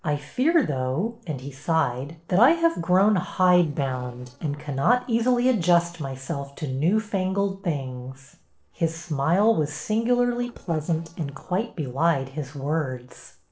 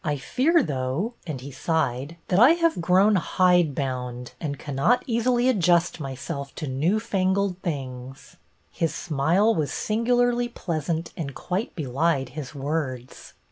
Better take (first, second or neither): second